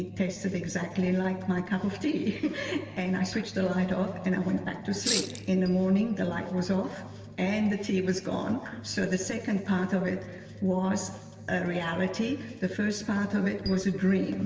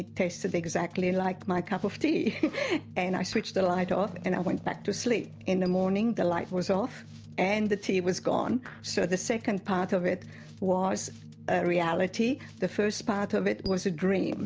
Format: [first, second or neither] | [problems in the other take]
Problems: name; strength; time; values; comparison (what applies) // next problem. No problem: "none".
second | background sound (Rattle (instrument)); 3 dB below the speech // room echo; dies away in 2.2 s